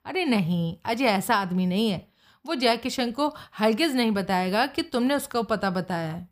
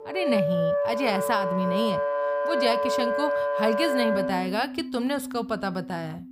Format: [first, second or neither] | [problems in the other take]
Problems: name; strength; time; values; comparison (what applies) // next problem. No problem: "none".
first | background music; very loud; throughout; 2 dB above the speech